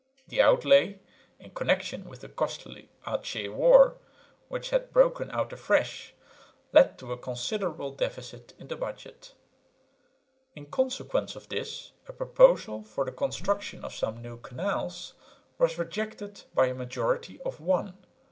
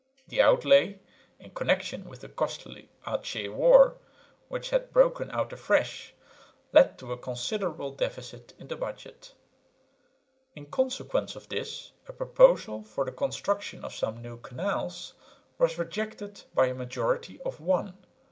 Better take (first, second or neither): second